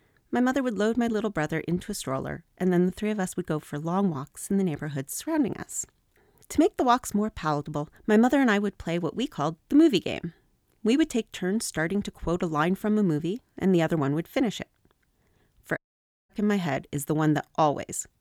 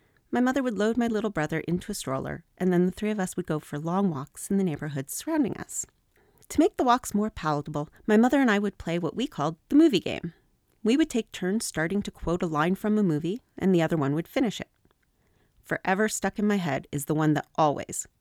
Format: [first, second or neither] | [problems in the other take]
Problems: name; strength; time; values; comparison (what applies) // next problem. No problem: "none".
second | audio cutting out; at 16 s for 0.5 s